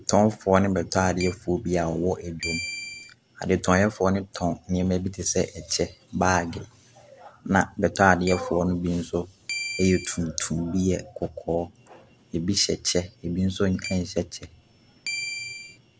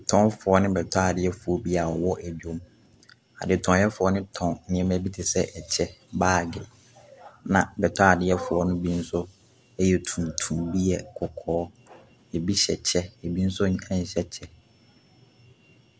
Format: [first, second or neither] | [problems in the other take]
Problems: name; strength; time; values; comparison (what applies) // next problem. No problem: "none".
second | background sound (Keyboard (musical)); 11 dB below the speech